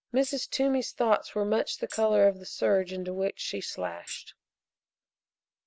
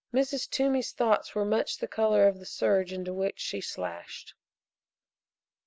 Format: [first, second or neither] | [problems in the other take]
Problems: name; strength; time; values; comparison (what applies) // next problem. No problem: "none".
second | background sound (Tambourine); 17 dB below the speech